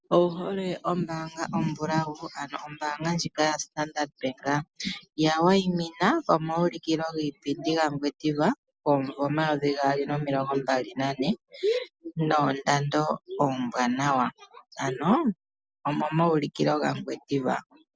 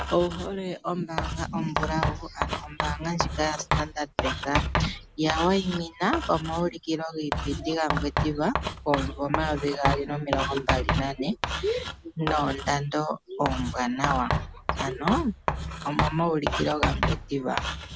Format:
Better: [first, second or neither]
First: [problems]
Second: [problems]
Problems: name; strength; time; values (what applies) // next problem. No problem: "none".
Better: first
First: none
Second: background sound (Writing); 2 dB below the speech